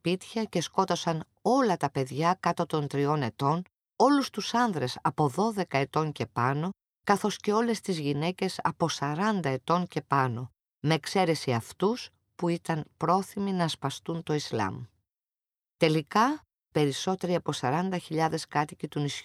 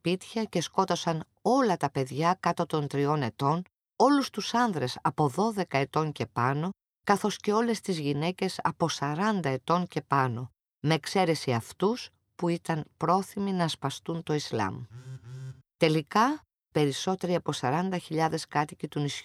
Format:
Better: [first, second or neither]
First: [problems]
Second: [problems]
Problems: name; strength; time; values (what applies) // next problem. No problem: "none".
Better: first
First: none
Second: phone ringing; faint; at 15 s; peak 15 dB below the speech